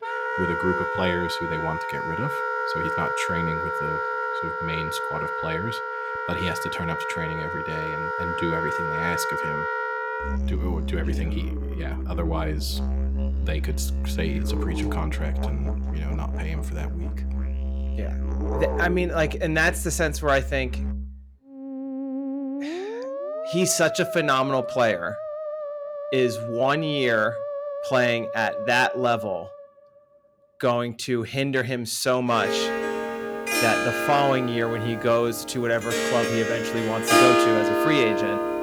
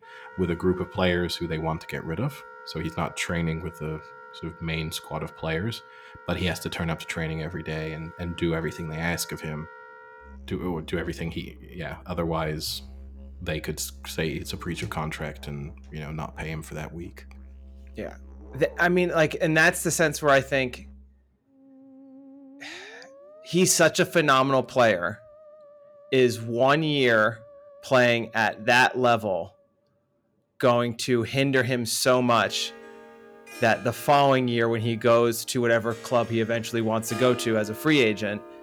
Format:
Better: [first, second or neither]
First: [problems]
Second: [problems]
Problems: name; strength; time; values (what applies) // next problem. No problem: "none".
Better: second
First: background music; loud; throughout; 1 dB below the speech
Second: background music; faint; throughout; 20 dB below the speech